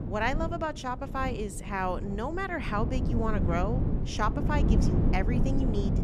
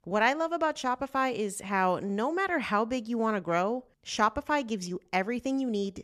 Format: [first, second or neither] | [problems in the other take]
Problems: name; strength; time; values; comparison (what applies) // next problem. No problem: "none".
second | wind noise on the microphone; heavy; 7 dB below the speech